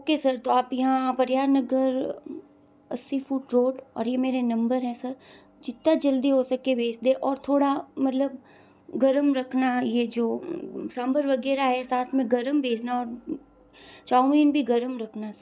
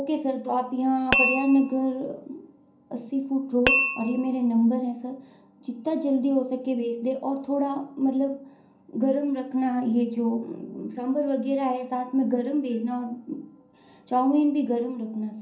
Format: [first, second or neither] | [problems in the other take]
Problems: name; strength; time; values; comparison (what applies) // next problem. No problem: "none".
first | background sound (Glass); 1 dB below the speech // room echo; dies away in 0.6 s